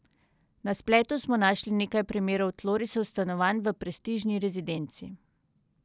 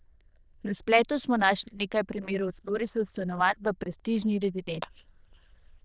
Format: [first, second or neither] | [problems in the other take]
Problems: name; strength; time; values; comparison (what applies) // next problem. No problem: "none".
first | noise reduction (neural diffusion model UNIVERSE++)